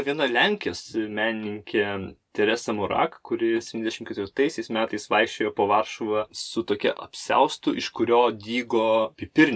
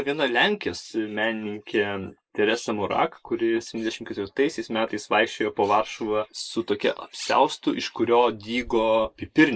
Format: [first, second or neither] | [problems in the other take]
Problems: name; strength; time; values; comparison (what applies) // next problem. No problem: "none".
first | noise reduction (neural mask model Resemble Enhance denoiser)